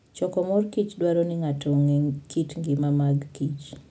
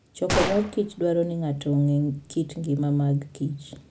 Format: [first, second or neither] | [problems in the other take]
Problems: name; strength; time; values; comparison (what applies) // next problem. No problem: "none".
first | background sound (Gunshot, gunfire); 7 dB below the speech